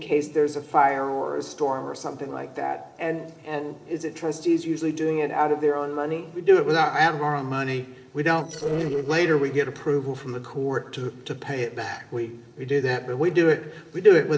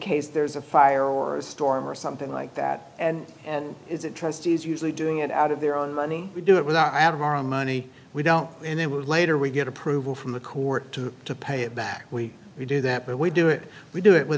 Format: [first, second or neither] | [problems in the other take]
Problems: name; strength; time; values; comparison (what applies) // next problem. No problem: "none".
second | noise reduction (neural separator model SepFormer DNS4)